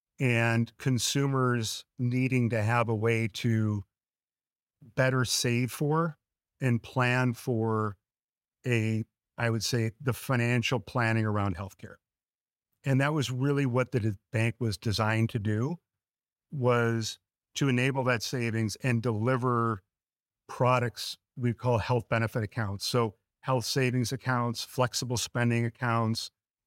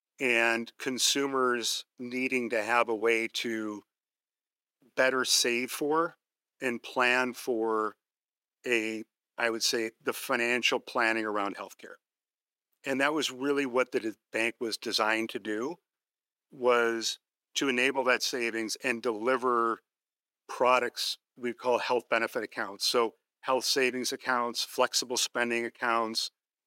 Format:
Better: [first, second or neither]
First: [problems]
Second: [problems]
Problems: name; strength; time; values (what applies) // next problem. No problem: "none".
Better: first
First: none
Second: thin; somewhat; fading below 300 Hz